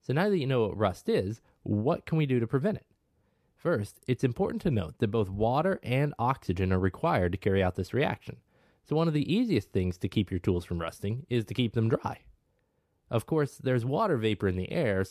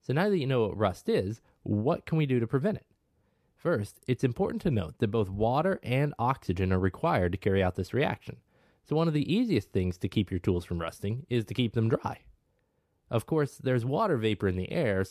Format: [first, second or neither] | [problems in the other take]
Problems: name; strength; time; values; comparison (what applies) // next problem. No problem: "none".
neither | none